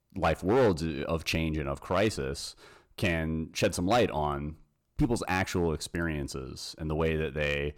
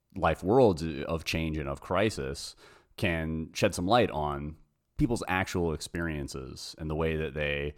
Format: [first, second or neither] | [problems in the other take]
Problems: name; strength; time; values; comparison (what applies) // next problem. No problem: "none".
second | distortion; slight; 3% of the sound clipped